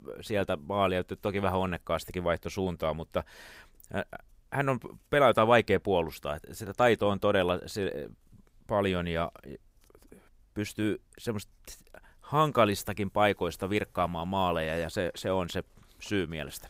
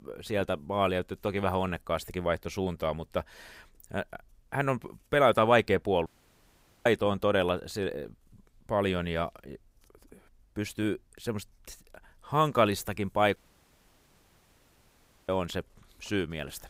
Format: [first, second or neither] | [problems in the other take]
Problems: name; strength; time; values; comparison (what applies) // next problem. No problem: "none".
first | audio cutting out; at 6 s for 1 s and at 13 s for 2 s